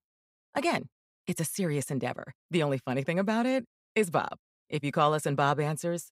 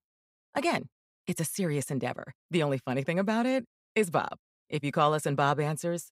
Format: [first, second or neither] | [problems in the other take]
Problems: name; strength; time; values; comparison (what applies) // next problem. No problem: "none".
neither | none